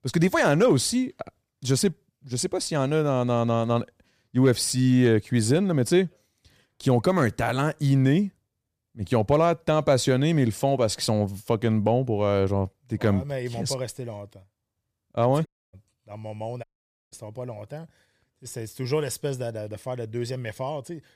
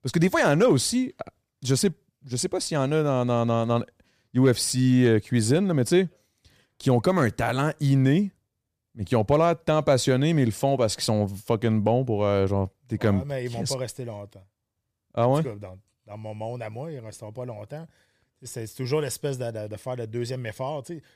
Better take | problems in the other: second | audio cutting out; at 15 s and at 17 s

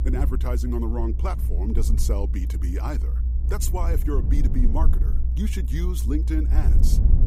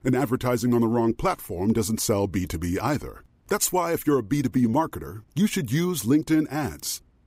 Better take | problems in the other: second | low rumble; loud; throughout; 8 dB below the speech

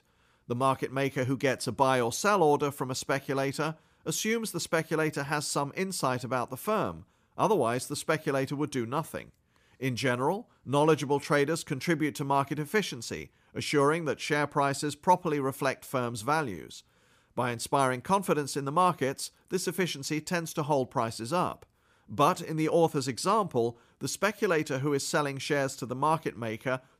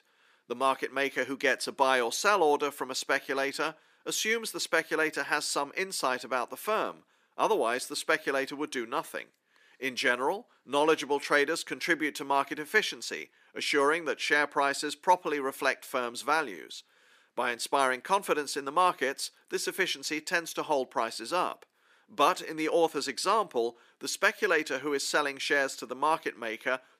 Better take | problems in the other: first | thin; somewhat; fading below 300 Hz

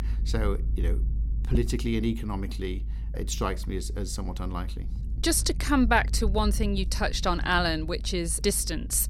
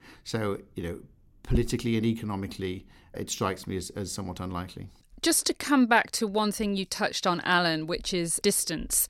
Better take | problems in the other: second | low rumble; faint; throughout; 20 dB below the speech

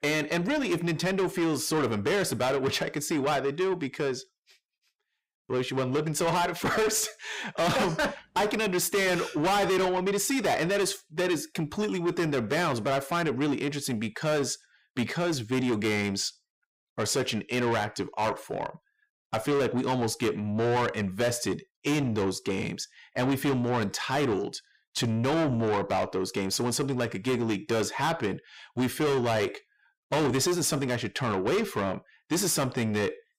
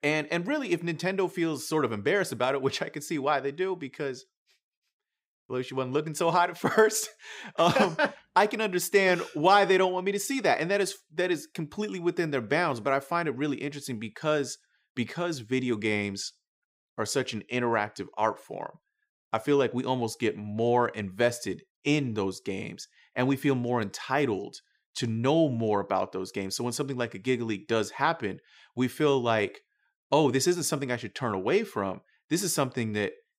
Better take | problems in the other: second | distortion; heavy; 6 dB below the speech

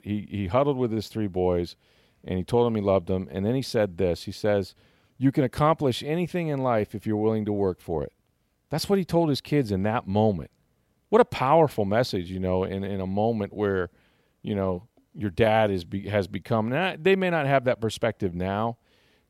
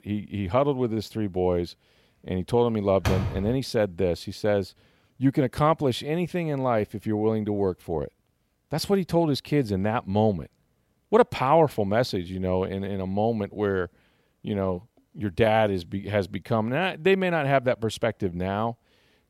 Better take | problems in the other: first | door banging; noticeable; at 3 s; peak 2 dB below the speech

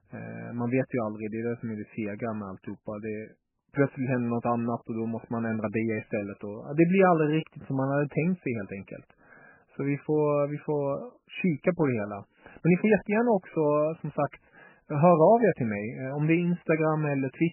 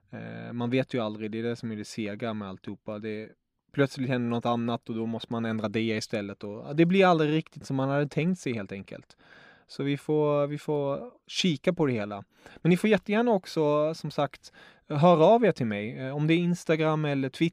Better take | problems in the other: second | garbled, watery; badly; nothing above 2.5 kHz

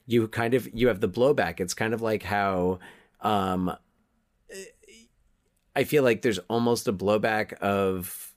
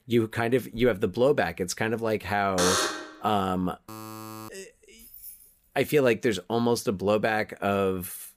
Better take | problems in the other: first | alarm; loud; at 2.5 s; peak 2 dB above the speech // alarm; faint; at 4 s; peak 15 dB below the speech // jangling keys; faint; at 5 s; peak 15 dB below the speech

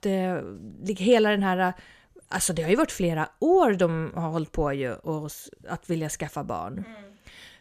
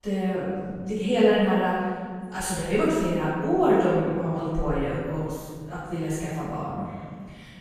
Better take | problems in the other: first | off-mic speech; far // room echo; strong; dies away in 1.8 s

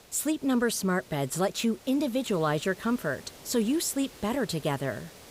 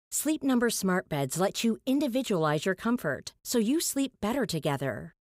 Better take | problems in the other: second | hiss; faint; throughout; 20 dB below the speech

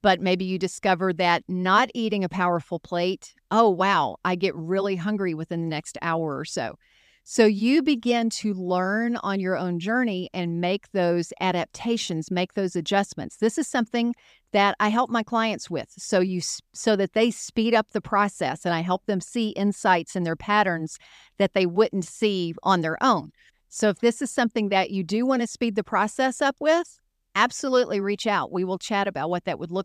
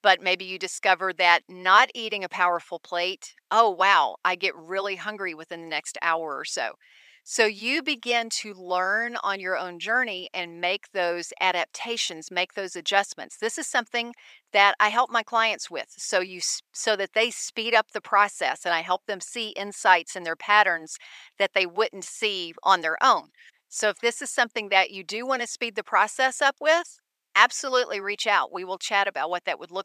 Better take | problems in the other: first | thin; very; fading below 700 Hz

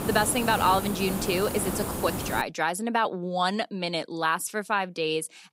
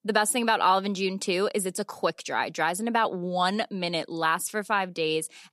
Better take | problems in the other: second | hiss; loud; until 2.5 s; 5 dB below the speech

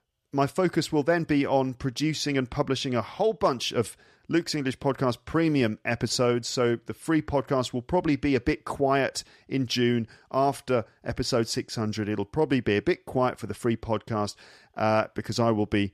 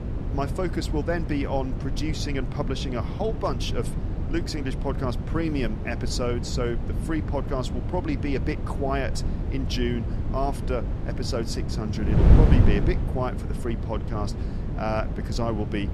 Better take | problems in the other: first | wind noise on the microphone; heavy; 6 dB below the speech

